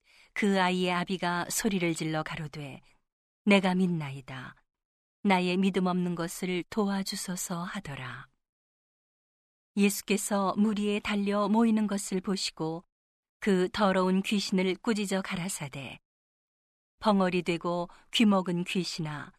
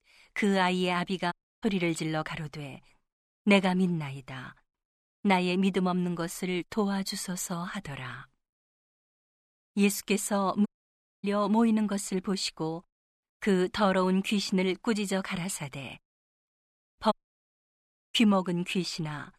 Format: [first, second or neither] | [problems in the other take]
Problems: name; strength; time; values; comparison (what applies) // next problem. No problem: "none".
first | audio cutting out; at 1.5 s, at 11 s for 0.5 s and at 17 s for 1 s